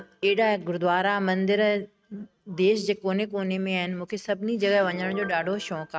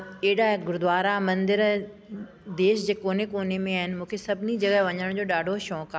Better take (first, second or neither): second